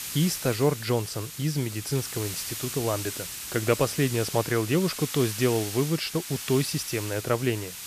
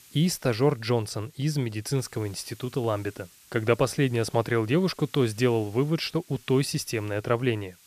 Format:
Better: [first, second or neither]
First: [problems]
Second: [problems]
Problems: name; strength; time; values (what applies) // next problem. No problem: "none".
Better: second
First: hiss; loud; throughout; 7 dB below the speech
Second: hiss; faint; throughout; 25 dB below the speech